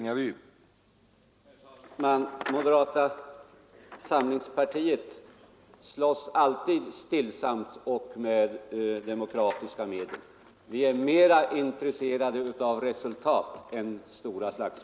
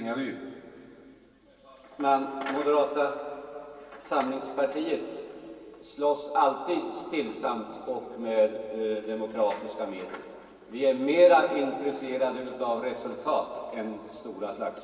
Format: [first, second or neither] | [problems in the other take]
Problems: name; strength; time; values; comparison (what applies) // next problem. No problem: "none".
first | room echo; dies away in 2.8 s